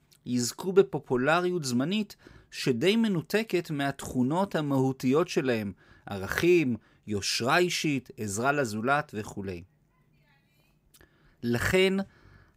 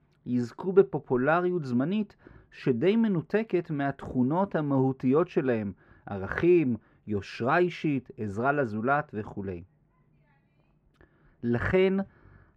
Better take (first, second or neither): first